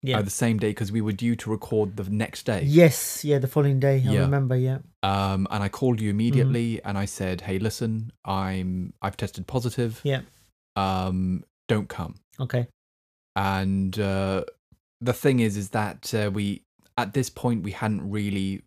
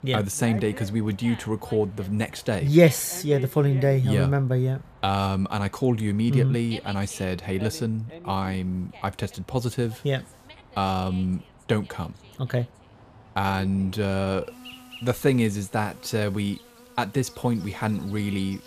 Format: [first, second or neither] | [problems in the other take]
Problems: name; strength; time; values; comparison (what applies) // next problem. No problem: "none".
first | animal sounds; noticeable; throughout; 20 dB below the speech